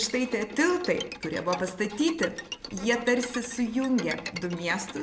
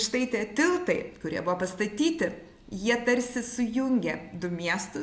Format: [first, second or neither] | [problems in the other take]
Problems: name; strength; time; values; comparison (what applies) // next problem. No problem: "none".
second | background sound (Bowed string instrument); 12 dB below the speech